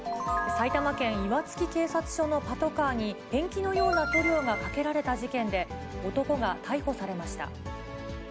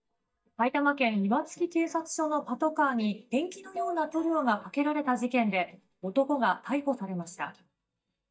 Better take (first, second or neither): first